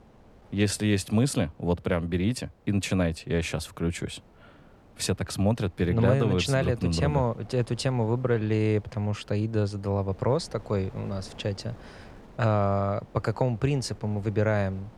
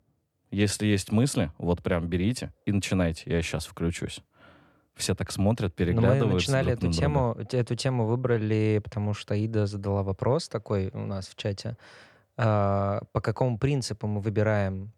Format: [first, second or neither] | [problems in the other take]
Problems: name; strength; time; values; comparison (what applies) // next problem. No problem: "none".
second | wind noise on the microphone; occasional gusts; 25 dB below the speech